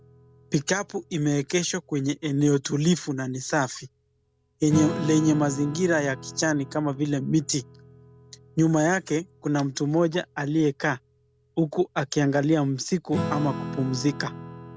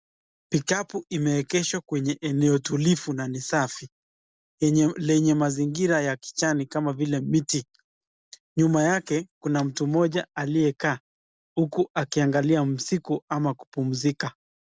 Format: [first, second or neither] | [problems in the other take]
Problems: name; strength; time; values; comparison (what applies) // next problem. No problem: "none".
second | background sound (Acoustic guitar / Strum); 13 dB below the speech